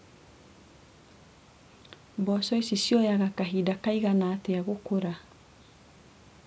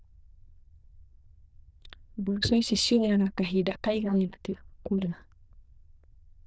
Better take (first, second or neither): first